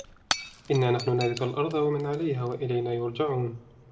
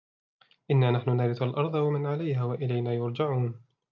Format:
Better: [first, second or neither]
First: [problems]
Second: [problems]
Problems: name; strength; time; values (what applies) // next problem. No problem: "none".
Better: second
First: background sound (Shatter / Crushing); 12 dB below the speech // room echo; dies away in 0.7 s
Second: none